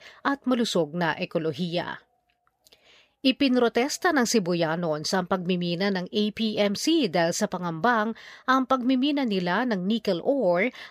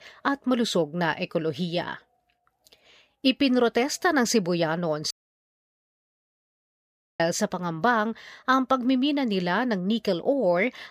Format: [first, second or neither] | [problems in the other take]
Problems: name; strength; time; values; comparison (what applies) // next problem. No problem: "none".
first | audio cutting out; at 5 s for 2 s